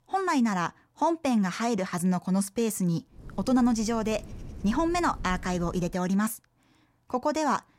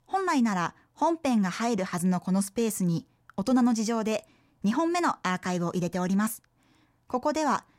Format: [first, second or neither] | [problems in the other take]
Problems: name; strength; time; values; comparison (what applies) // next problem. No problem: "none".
second | wind noise on the microphone; occasional gusts; from 3 to 6 s; 25 dB below the speech